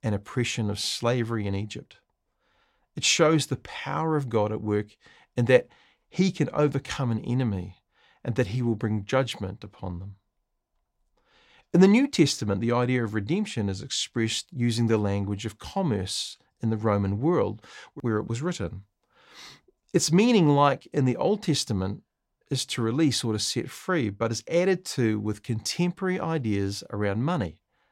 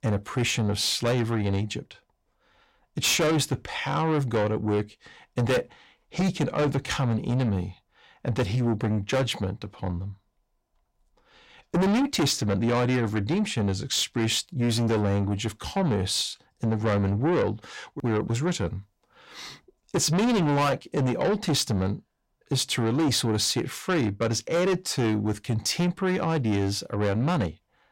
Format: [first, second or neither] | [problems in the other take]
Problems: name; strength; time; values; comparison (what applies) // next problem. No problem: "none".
first | distortion; heavy; 7 dB below the speech